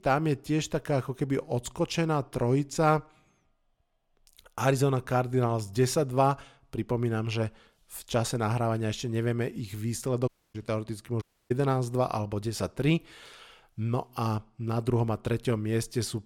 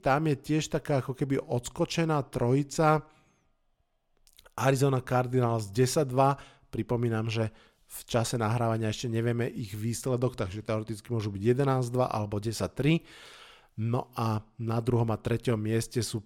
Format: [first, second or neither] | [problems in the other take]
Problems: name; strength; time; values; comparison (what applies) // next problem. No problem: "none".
second | audio cutting out; at 10 s and at 11 s